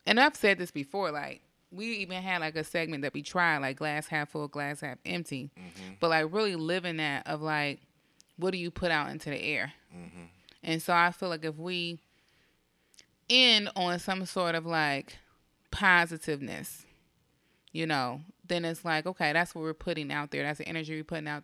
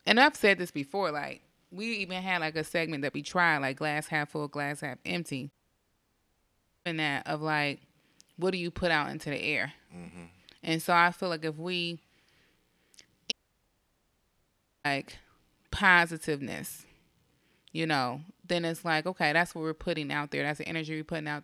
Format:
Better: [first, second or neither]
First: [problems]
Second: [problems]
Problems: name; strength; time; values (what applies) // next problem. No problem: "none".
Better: first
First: none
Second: audio cutting out; at 5.5 s for 1.5 s and at 13 s for 1.5 s